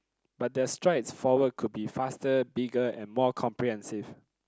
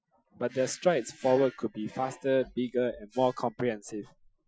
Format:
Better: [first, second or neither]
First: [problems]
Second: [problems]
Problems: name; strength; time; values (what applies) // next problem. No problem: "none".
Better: first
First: none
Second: noise reduction (classical method Wiener filter)